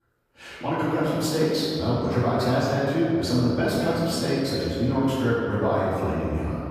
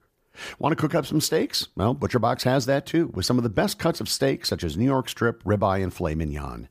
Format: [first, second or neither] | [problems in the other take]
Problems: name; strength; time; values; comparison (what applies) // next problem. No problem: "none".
second | off-mic speech; far // room echo; strong; dies away in 2.4 s